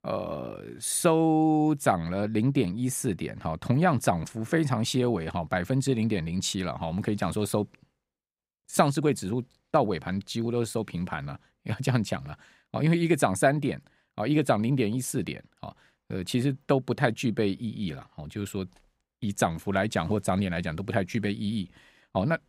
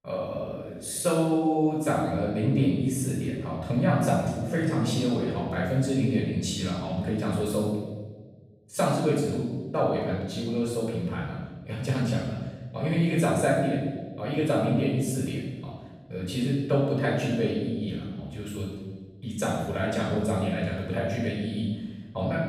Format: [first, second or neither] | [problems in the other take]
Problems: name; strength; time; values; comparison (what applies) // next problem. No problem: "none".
first | off-mic speech; far // room echo; strong; dies away in 1.2 s